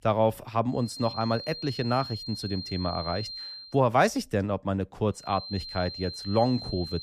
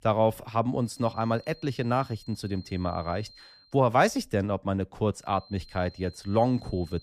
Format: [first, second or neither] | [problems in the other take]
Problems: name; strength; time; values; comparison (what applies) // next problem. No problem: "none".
second | high-pitched whine; loud; from 1 to 3.5 s and from 5.5 s on; 4 kHz, 9 dB below the speech; faint in the second